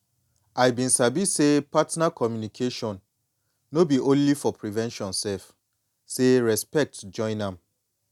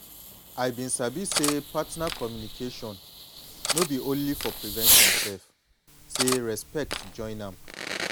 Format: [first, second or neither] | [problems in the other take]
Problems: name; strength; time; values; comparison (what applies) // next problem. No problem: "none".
first | background sound (Fireworks + Cutlery, silverware); 3 dB above the speech